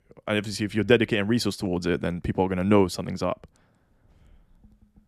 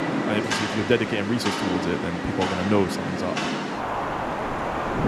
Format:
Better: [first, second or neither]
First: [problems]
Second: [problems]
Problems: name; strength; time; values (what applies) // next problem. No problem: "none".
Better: first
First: none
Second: rain or running water; loud; throughout; 1 dB below the speech